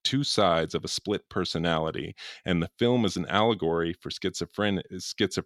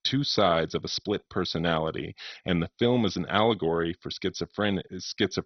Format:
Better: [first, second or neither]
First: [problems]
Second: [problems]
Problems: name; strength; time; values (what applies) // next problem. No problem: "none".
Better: first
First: none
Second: garbled, watery; badly; nothing above 6 kHz